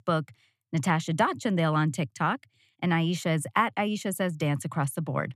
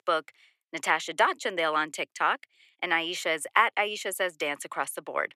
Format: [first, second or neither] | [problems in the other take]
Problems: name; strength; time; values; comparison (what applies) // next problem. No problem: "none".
first | thin; very; fading below 400 Hz